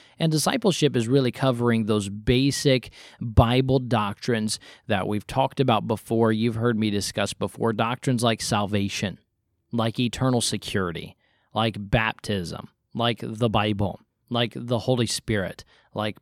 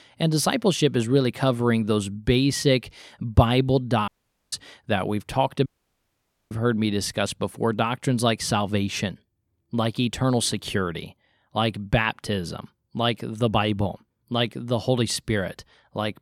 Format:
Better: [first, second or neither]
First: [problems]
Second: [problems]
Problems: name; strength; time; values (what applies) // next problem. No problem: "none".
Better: first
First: none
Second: audio cutting out; at 4 s and at 5.5 s for 1 s